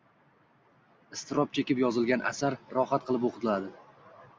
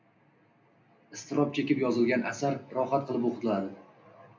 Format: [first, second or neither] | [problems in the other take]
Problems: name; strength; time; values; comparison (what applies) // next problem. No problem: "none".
first | room echo; dies away in 0.3 s